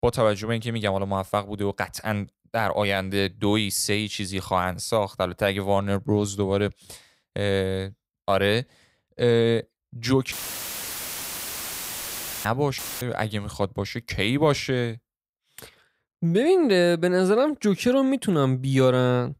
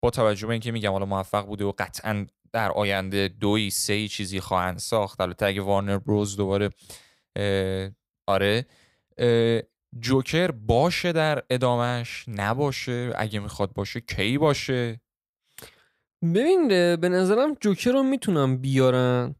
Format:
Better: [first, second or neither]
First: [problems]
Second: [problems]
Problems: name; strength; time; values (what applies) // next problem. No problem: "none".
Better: second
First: audio cutting out; filled with static; at 10 s for 2 s and at 13 s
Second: none